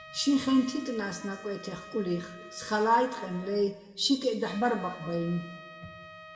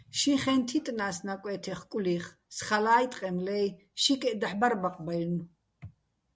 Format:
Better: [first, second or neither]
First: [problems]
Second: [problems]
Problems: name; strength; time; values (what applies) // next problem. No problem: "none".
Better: second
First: background sound (Trumpet); 18 dB below the speech // room echo; dies away in 1.5 s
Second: none